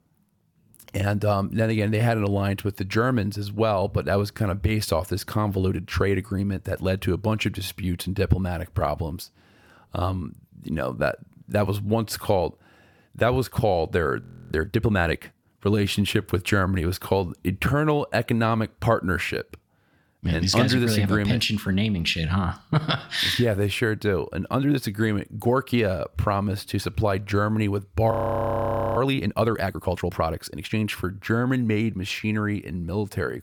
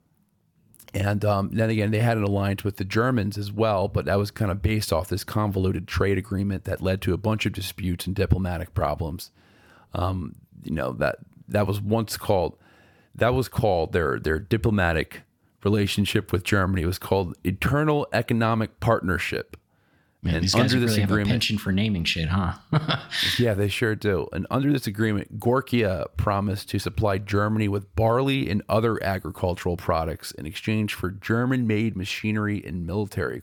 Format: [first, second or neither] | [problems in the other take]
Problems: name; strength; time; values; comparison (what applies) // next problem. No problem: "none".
second | audio freezing; at 14 s and at 28 s for 1 s